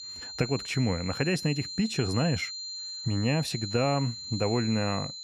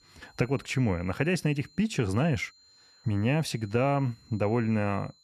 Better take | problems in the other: second | high-pitched whine; loud; throughout; 4 kHz, 7 dB below the speech; faint in the second

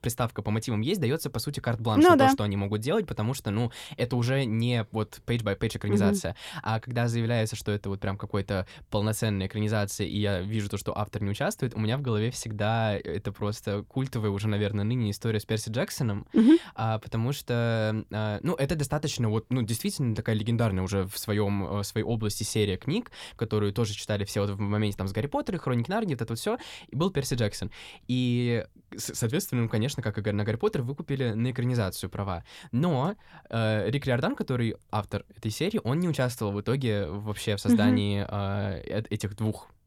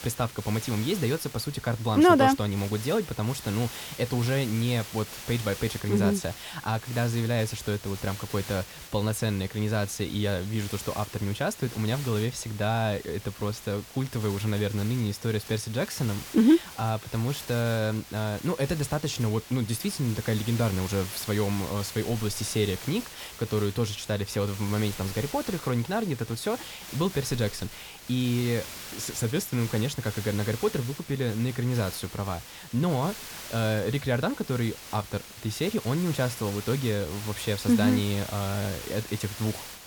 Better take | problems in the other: first | hiss; noticeable; throughout; 10 dB below the speech

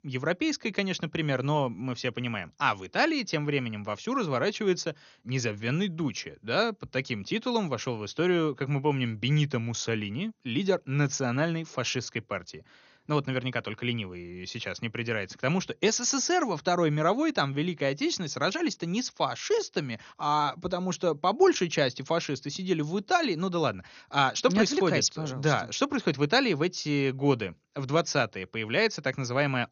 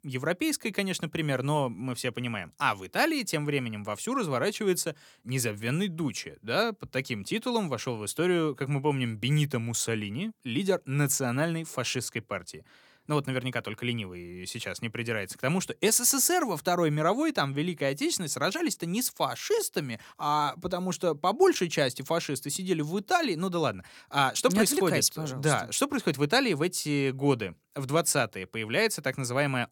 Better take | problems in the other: second | garbled, watery; slightly; nothing above 6.5 kHz

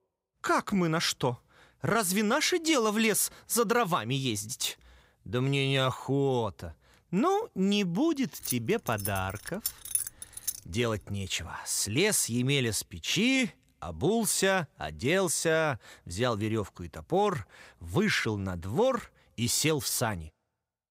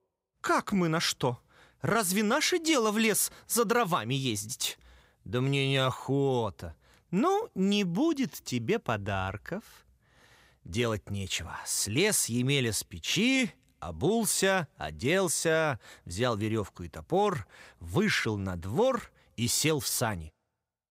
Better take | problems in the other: second | jangling keys; noticeable; from 8.5 to 11 s; peak 1 dB below the speech

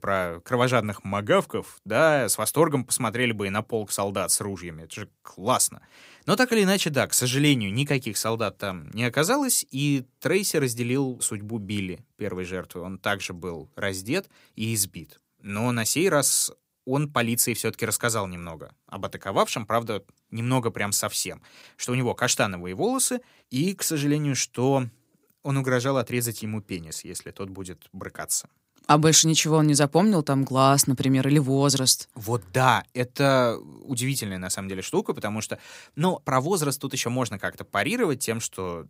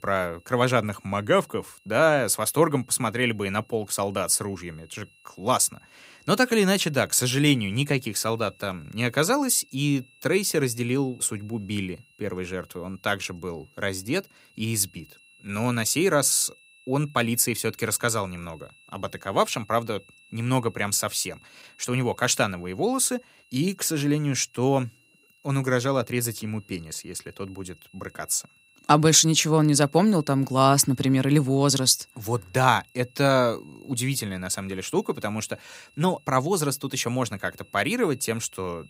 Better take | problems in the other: first | high-pitched whine; faint; throughout; 2.5 kHz, 30 dB below the speech

